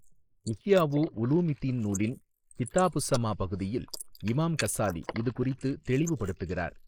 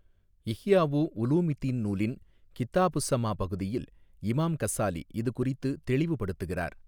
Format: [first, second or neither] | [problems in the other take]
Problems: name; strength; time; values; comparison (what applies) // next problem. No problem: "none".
second | noise reduction (neural mask model Resemble Enhance denoiser)